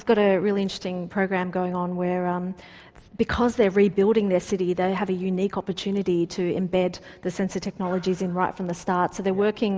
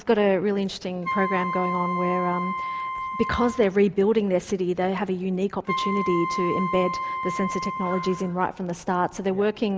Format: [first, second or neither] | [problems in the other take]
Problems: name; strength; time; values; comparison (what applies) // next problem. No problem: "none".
first | background sound (Wind instrument, woodwind instrument); 5 dB below the speech